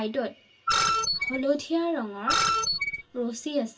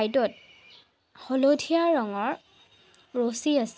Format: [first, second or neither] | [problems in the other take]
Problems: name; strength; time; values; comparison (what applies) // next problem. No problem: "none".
second | background sound (Screech); 3 dB above the speech // room echo; dies away in 0.1 s